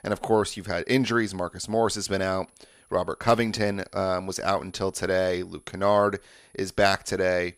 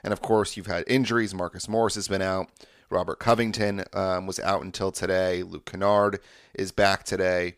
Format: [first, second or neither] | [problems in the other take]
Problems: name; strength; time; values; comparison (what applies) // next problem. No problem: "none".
second | high-pitched whine; faint; throughout; 10.5 kHz, 35 dB below the speech